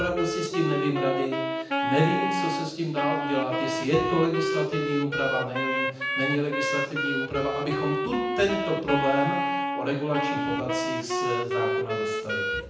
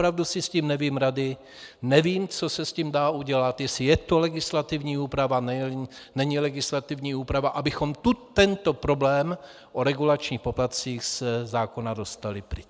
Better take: second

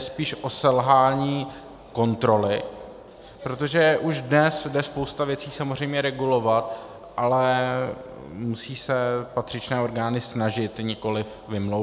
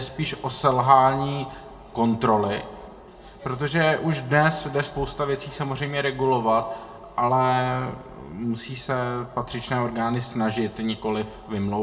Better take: first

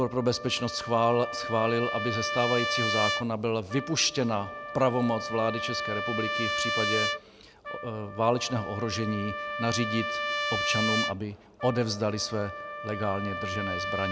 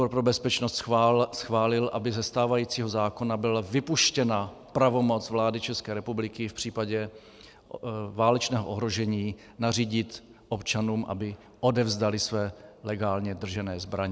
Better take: second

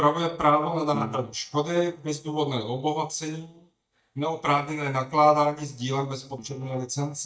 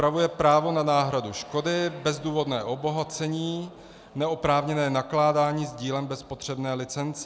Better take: second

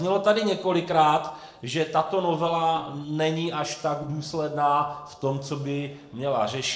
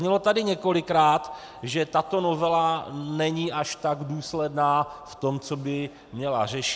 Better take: second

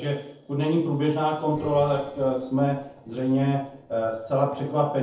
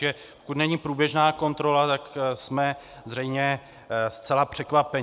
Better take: second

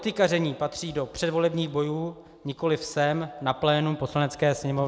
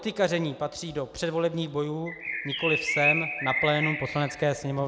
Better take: first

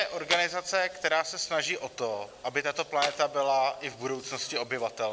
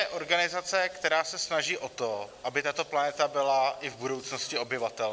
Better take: second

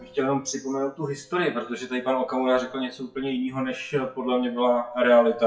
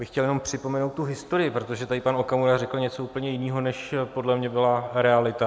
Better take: second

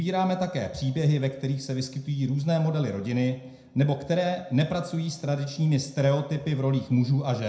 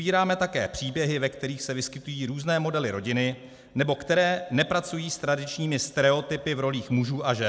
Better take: second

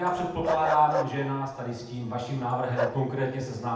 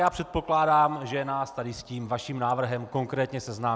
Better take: second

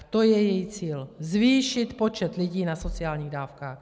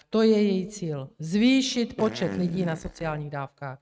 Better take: first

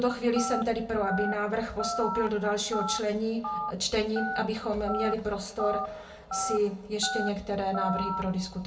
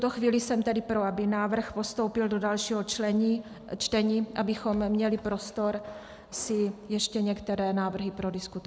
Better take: second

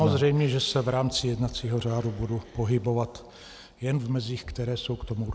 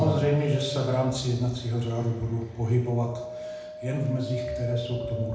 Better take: first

